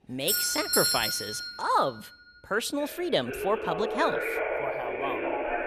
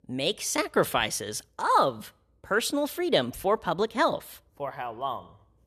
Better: second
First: alarms or sirens; very loud; throughout; 1 dB above the speech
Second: none

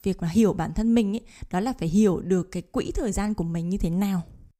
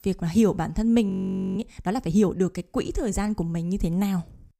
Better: first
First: none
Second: audio freezing; at 1 s

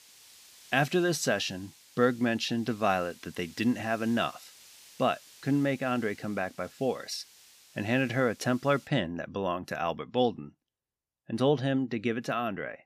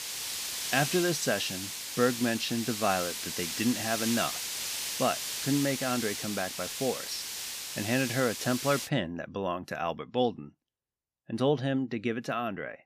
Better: first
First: hiss; faint; until 9 s; 25 dB below the speech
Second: hiss; loud; until 9 s; 3 dB below the speech

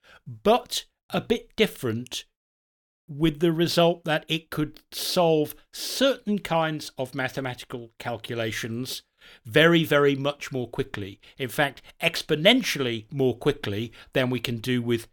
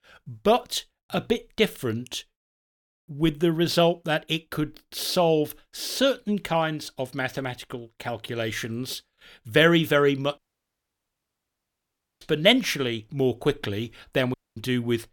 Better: first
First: none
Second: audio cutting out; at 10 s for 2 s and at 14 s

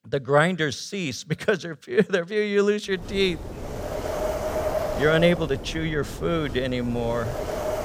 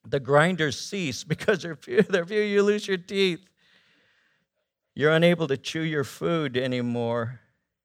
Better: second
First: wind noise on the microphone; heavy; from 3 s on; 5 dB below the speech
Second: none

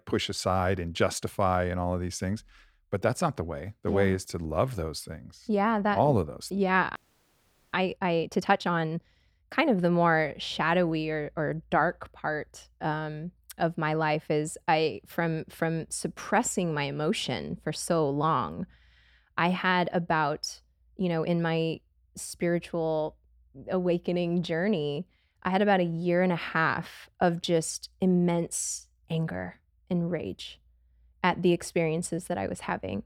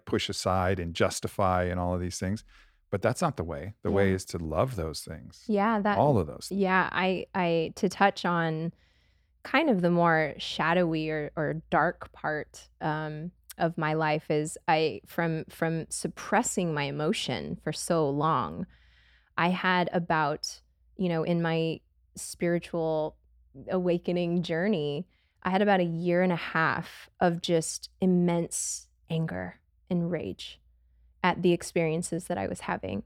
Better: second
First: audio freezing; at 7 s for 1 s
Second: none

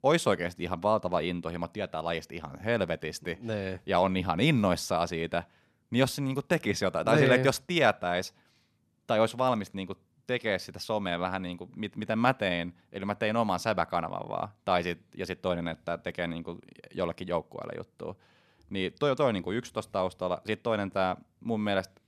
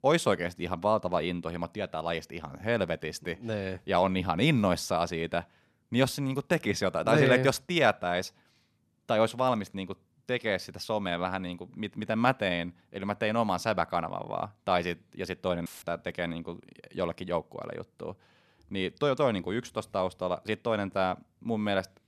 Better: first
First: none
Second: audio cutting out; filled with static; at 16 s

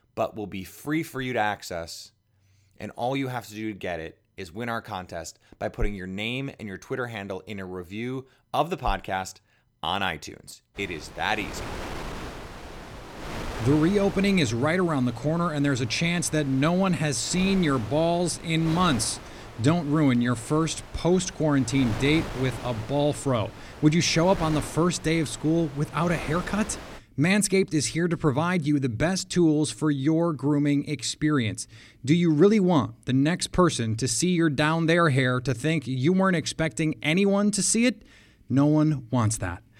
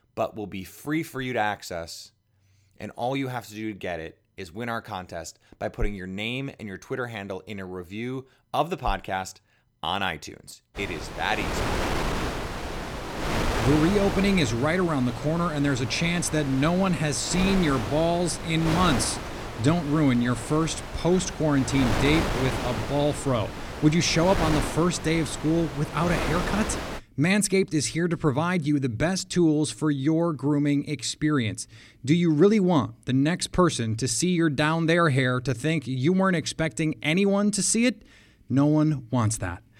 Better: first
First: wind noise on the microphone; occasional gusts; from 11 to 27 s; 15 dB below the speech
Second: wind noise on the microphone; heavy; from 11 to 27 s; 5 dB below the speech

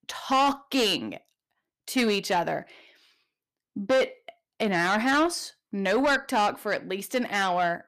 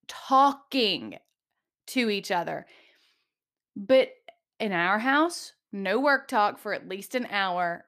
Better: second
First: distortion; heavy; 8 dB below the speech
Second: none

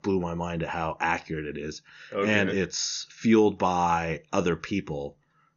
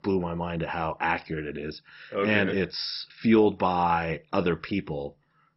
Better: first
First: garbled, watery; slightly; nothing above 6.5 kHz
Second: garbled, watery; badly; nothing above 5.5 kHz

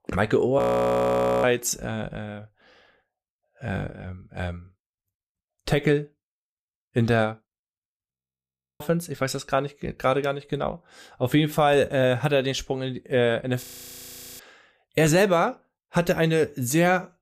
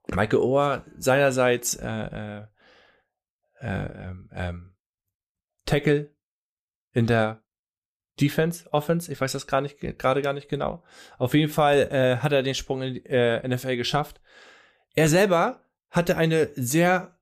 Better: second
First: audio freezing; at 0.5 s for 1 s, at 8 s for 0.5 s and at 14 s for 1 s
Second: none

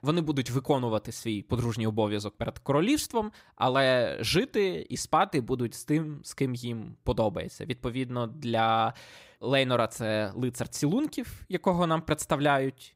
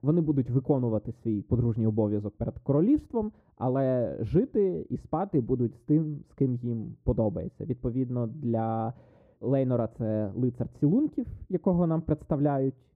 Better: first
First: none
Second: muffled; very; fading above 1.5 kHz

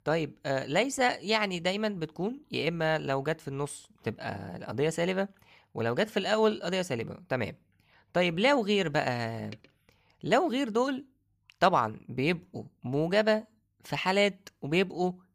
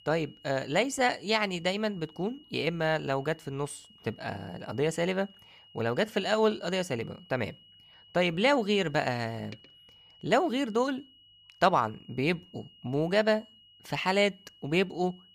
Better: first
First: none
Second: high-pitched whine; faint; throughout; 3 kHz, 25 dB below the speech

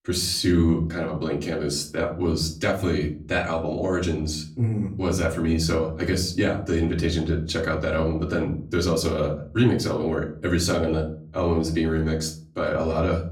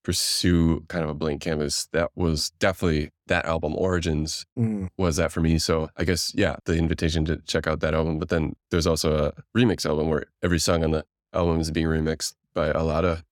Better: second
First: off-mic speech; far // room echo; very slight; dies away in 0.4 s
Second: none

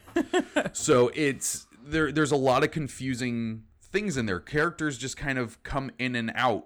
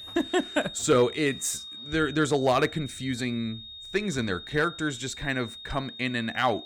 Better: first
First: none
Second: high-pitched whine; noticeable; throughout; 3.5 kHz, 10 dB below the speech

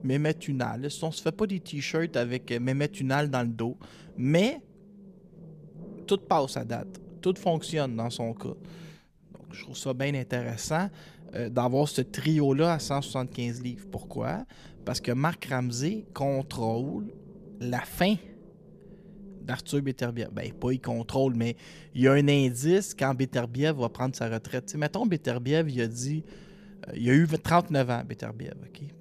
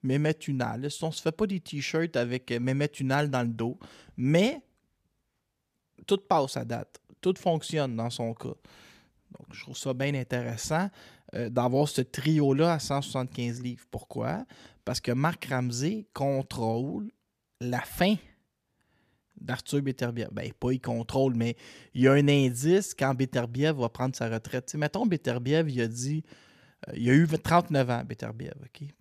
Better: second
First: low rumble; faint; throughout; 25 dB below the speech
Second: none

